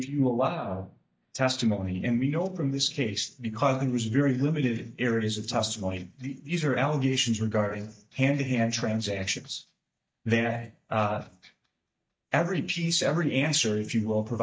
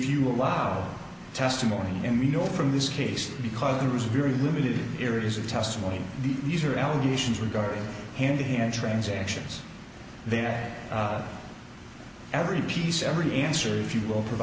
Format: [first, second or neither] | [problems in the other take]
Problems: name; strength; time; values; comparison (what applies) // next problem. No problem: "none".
second | noise reduction (neural mask model DeepFilterNet 3)